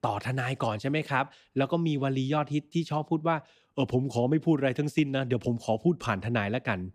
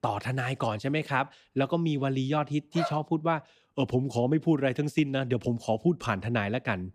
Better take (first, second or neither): first